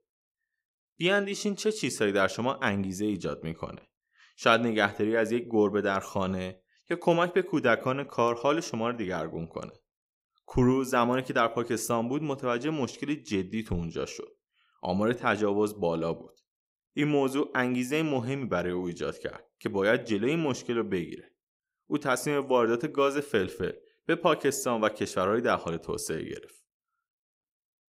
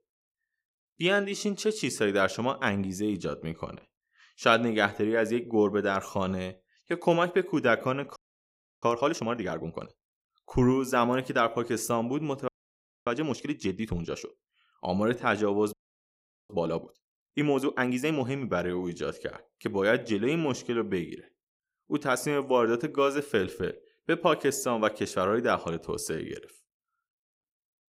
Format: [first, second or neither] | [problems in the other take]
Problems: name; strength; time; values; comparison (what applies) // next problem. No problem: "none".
first | audio freezing; at 8 s for 0.5 s, at 12 s for 0.5 s and at 16 s for 1 s